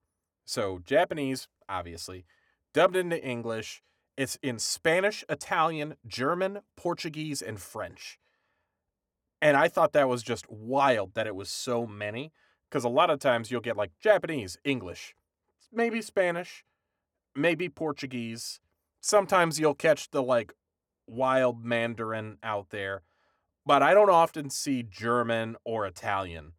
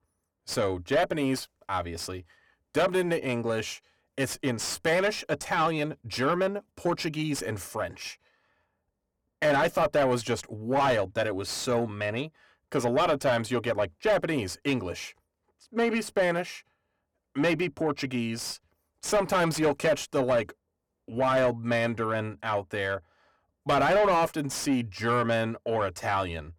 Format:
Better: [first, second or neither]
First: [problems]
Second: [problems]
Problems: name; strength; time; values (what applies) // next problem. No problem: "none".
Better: first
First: none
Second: distortion; heavy; 7 dB below the speech